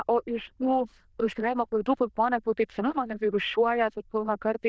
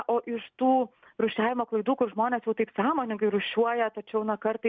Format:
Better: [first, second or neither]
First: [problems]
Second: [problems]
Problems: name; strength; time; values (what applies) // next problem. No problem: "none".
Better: second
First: noise reduction (neural diffusion model UNIVERSE++)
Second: none